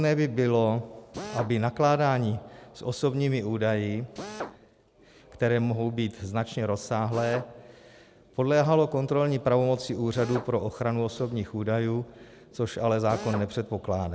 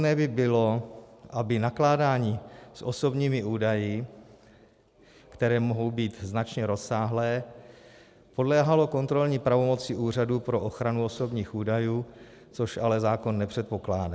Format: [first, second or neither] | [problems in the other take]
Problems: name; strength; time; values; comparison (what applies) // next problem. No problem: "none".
second | background sound (Drill); 18 dB below the speech